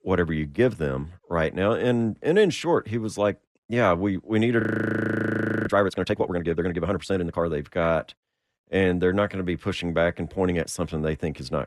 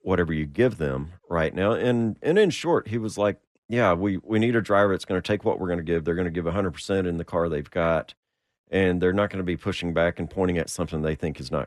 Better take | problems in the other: second | audio freezing; at 4.5 s for 1 s

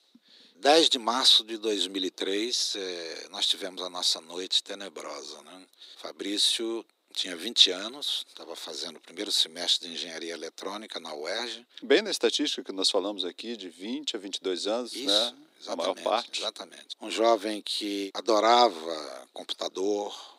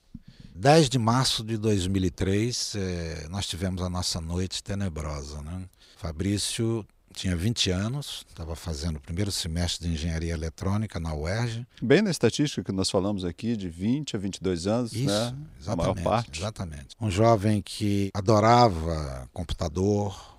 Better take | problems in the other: second | thin; somewhat; fading below 300 Hz

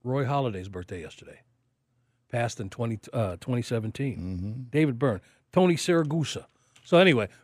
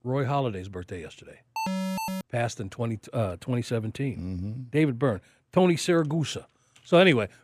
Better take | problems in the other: first | alarm; noticeable; at 1.5 s; peak 3 dB below the speech

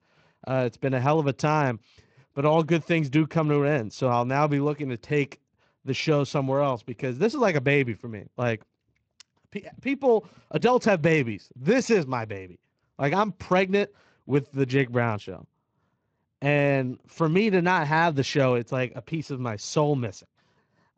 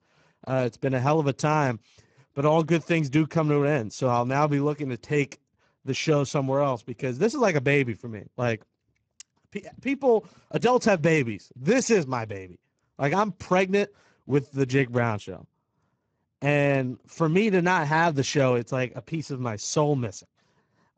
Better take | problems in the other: first | garbled, watery; badly; nothing above 7.5 kHz; slightly in the first

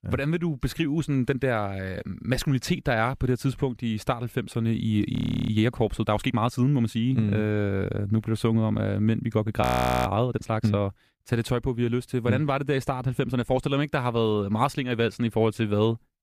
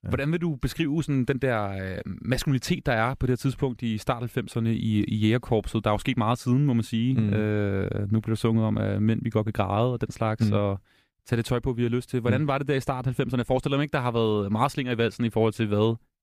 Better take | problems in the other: second | audio freezing; at 5 s and at 9.5 s

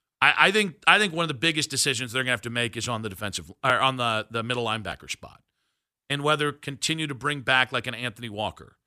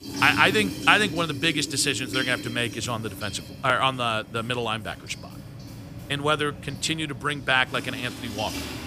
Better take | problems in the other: first | household noises; noticeable; throughout; 10 dB below the speech

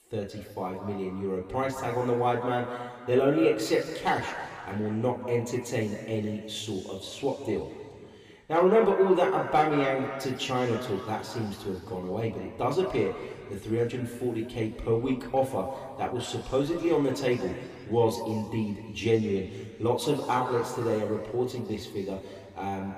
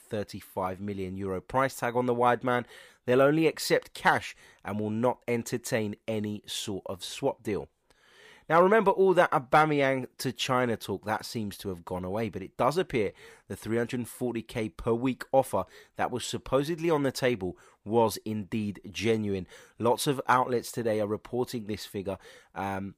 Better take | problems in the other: second | room echo; noticeable; dies away in 2.3 s // off-mic speech; somewhat distant

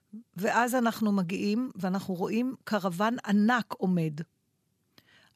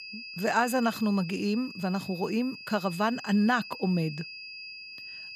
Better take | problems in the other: first | high-pitched whine; noticeable; throughout; 2.5 kHz, 10 dB below the speech

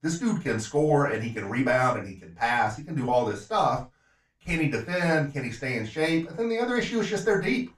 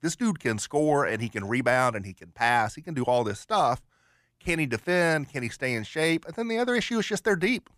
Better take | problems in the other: second | room echo; slight; dies away in 0.2 s // off-mic speech; far

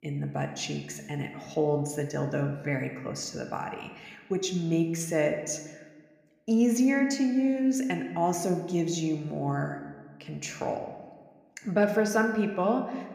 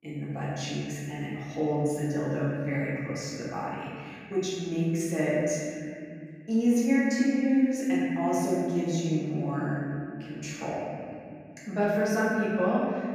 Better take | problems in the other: first | room echo; strong; dies away in 2.6 s; slight in the first // off-mic speech; far

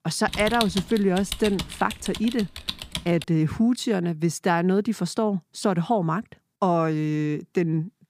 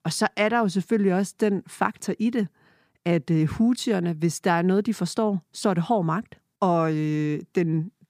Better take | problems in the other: second | keyboard typing; noticeable; until 3 s; peak 4 dB below the speech

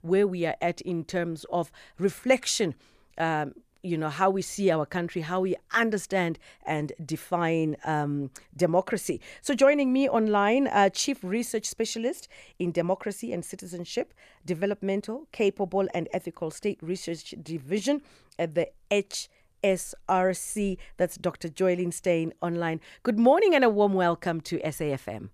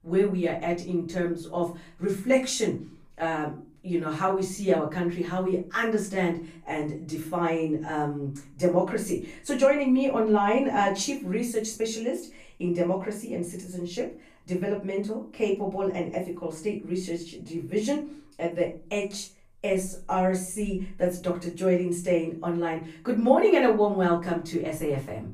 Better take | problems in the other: first | off-mic speech; far // room echo; slight; dies away in 0.3 s

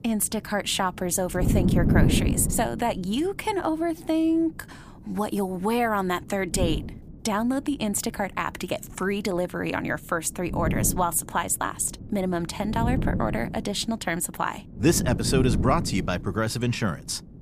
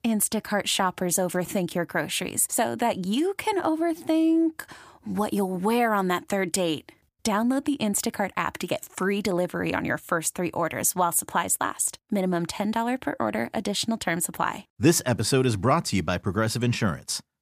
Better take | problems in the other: second | wind noise on the microphone; heavy; 8 dB below the speech

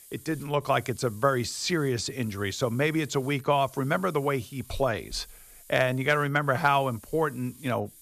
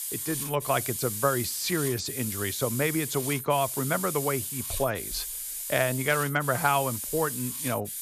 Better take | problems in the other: first | hiss; loud; throughout; 3 dB below the speech; faint in the first

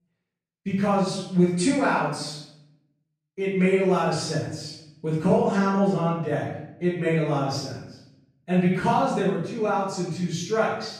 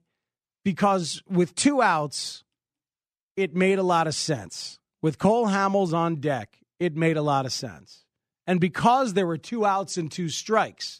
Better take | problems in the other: second | room echo; noticeable; dies away in 0.7 s // off-mic speech; far

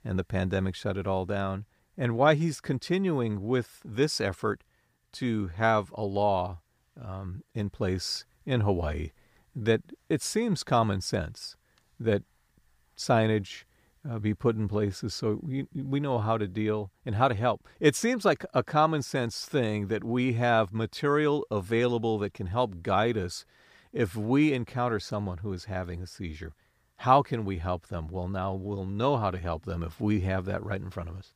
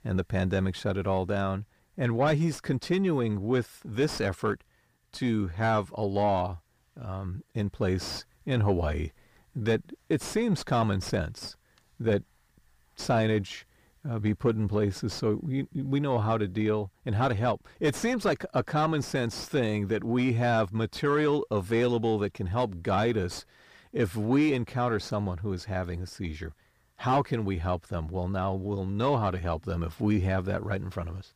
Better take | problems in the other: first | distortion; slight; 10 dB below the speech

